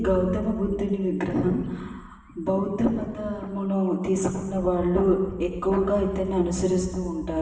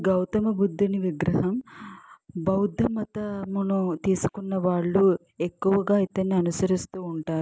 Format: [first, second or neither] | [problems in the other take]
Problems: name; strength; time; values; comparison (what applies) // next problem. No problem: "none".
second | background sound (Bird); 15 dB below the speech // room echo; dies away in 1.2 s